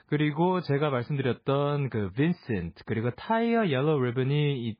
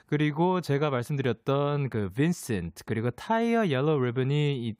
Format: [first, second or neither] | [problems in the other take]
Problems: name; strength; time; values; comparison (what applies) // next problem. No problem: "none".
second | garbled, watery; badly